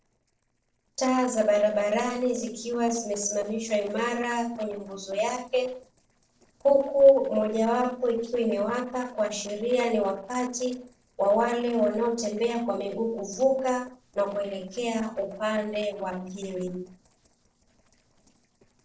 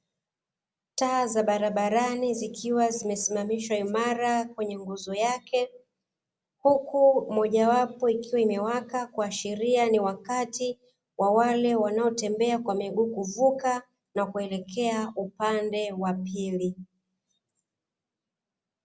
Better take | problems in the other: second | noise reduction (neural separator model SepFormer DNS4)

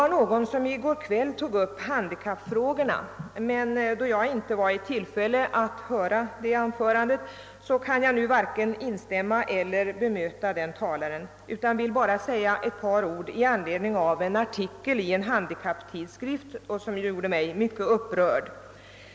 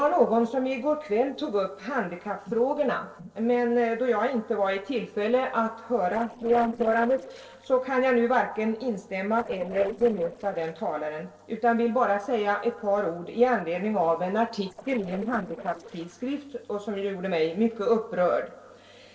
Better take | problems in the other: first | noise reduction (neural separator model SepFormer DNS4)

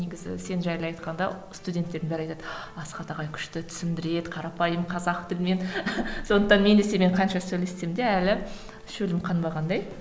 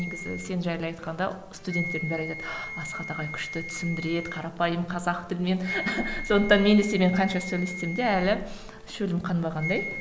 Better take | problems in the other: first | background sound (Wind instrument, woodwind instrument); 11 dB below the speech

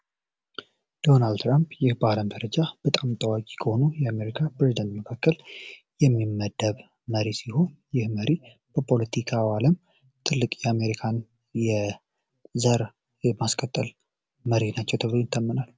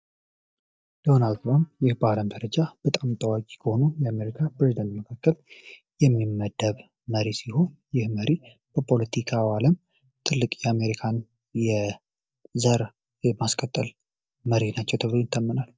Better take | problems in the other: first | noise reduction (neural mask model DeepFilterNet 3)

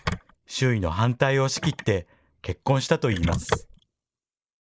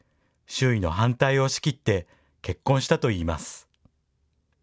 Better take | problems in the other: second | noise reduction (neural mask model Resemble Enhance denoiser)

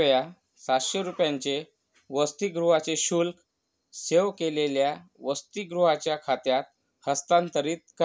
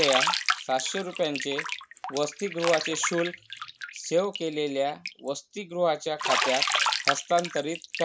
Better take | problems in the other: first | background sound (Bathtub (filling or washing)); 2 dB below the speech

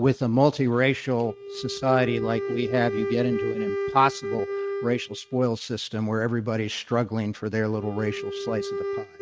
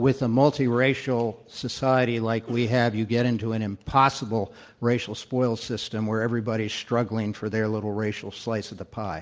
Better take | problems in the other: second | noise reduction (neural mask model RNNoise)

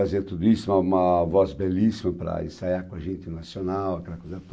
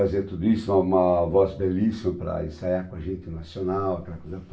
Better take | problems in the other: first | room echo; dies away in 0.3 s

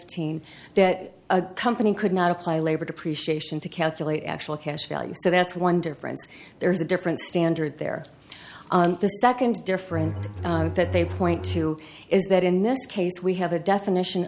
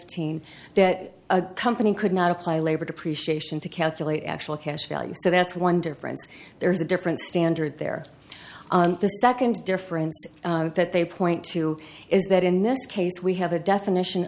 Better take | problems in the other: second | background sound (Bowed string instrument); 5 dB below the speech

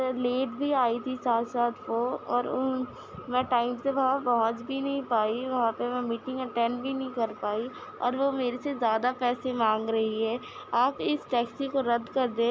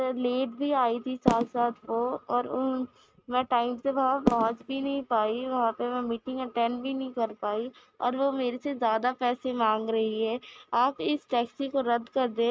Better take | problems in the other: first | noise reduction (neural mask model RNNoise)

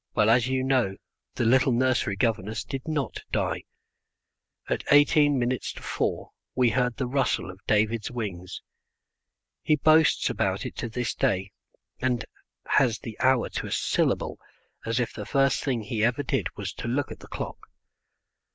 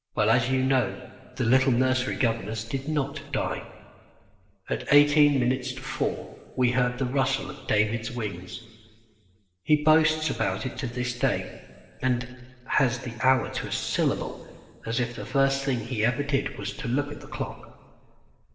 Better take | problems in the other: first | room echo; dies away in 2 s

